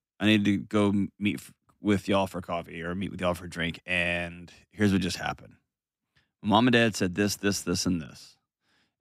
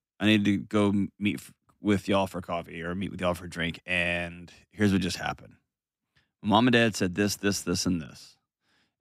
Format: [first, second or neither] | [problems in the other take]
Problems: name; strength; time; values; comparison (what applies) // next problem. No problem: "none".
neither | none